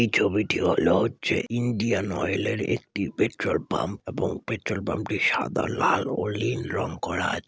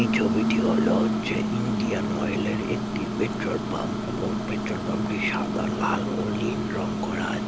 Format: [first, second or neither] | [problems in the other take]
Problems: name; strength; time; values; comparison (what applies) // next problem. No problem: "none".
first | background sound (Microwave oven); 3 dB above the speech